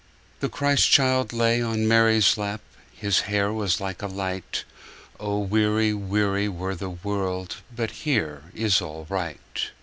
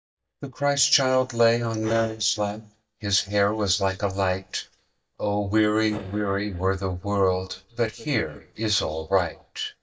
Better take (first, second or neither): first